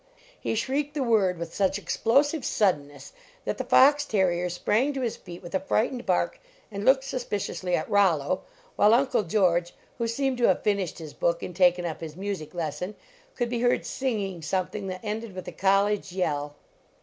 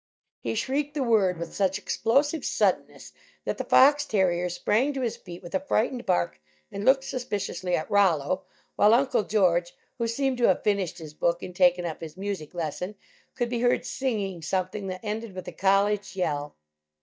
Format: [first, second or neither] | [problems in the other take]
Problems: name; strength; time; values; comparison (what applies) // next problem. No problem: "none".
first | noise reduction (neural mask model DeepFilterNet 3)